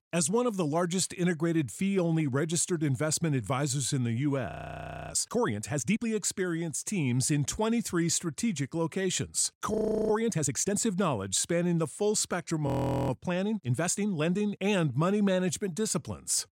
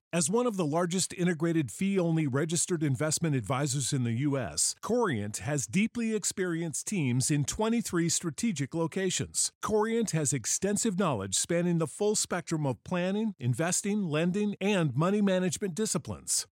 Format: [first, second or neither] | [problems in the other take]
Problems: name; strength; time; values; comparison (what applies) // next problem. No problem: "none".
second | audio freezing; at 4.5 s for 0.5 s, at 9.5 s and at 13 s